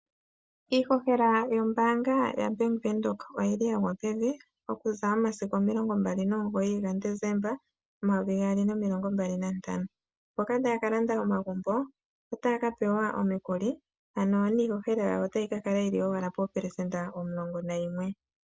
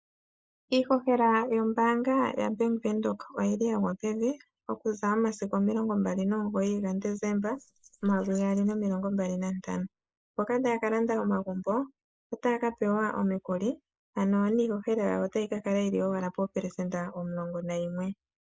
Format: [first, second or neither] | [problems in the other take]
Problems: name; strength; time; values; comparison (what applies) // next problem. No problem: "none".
first | noise reduction (neural mask model Resemble Enhance denoiser)